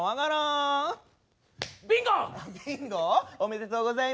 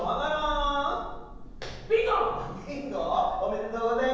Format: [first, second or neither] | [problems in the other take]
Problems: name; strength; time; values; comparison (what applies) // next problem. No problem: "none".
first | background sound (Thunder / Rain); 12 dB below the speech // room echo; dies away in 1.1 s